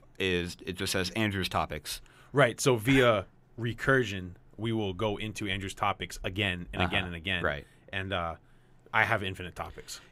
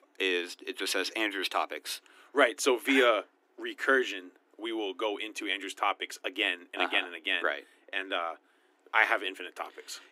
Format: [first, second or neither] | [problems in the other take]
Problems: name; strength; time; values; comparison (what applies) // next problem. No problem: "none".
first | thin; somewhat; fading below 300 Hz